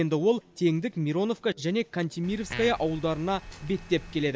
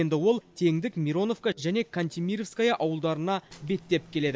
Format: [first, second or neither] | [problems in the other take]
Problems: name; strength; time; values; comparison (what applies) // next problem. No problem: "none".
second | background sound (Engine + Fart); 14 dB below the speech